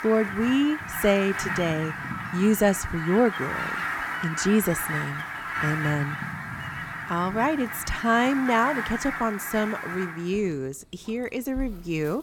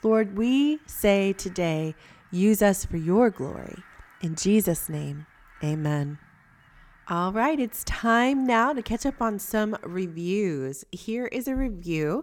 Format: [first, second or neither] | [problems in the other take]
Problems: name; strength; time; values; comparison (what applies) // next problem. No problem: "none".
second | animal sounds; loud; throughout; 5 dB below the speech; faint in the second